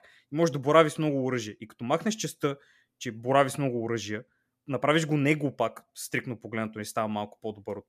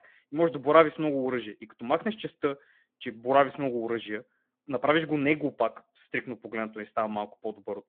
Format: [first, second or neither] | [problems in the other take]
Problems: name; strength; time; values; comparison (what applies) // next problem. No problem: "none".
first | phone-call audio